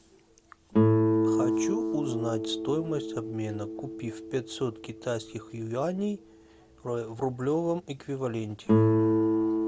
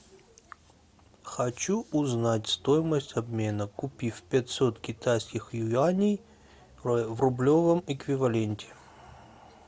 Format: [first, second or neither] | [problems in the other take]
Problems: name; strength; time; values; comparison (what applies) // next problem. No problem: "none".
second | background sound (Guitar); 5 dB above the speech